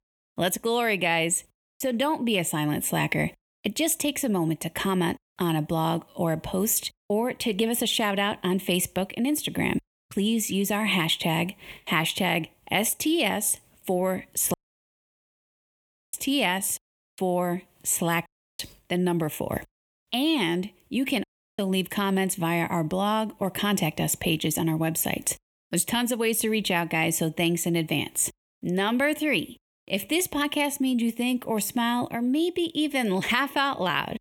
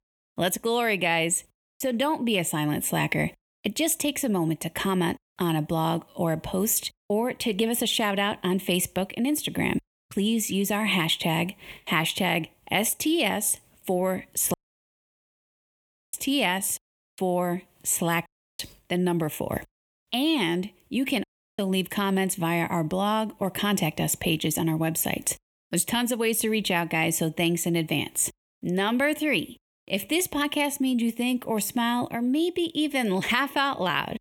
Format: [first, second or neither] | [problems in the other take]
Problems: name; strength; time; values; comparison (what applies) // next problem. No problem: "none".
neither | audio cutting out; at 15 s for 1.5 s, at 18 s and at 21 s; the same in both